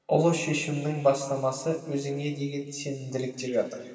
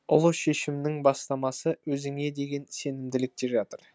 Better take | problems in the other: second | room echo; dies away in 2.5 s

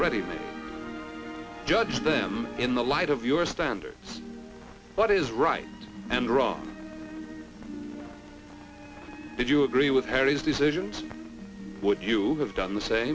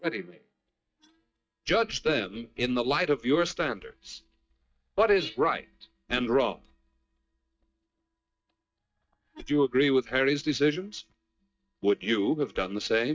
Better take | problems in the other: first | noise reduction (neural mask model DeepFilterNet 3)

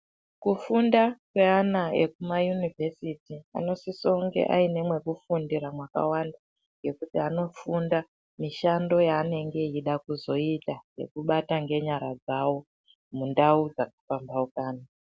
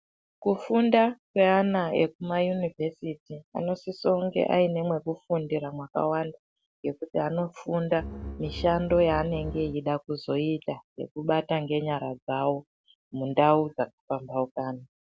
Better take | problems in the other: first | background sound (Bowed string instrument); 10 dB below the speech

